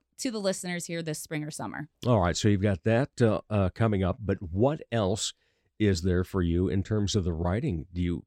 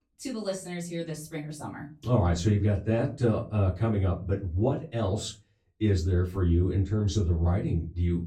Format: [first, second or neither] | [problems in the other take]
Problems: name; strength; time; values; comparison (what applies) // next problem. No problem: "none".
first | off-mic speech; far // room echo; very slight; dies away in 0.3 s